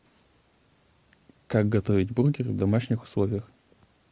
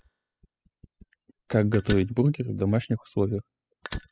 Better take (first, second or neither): first